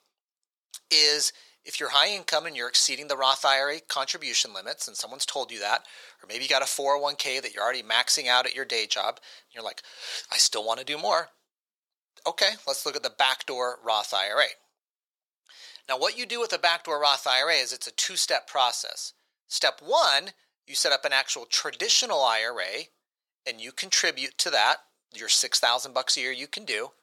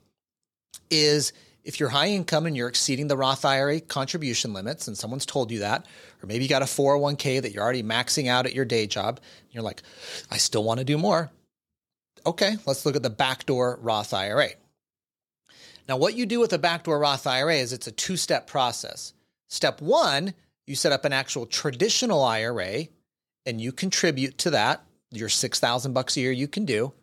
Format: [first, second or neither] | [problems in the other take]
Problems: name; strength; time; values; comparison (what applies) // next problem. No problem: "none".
second | thin; very; fading below 850 Hz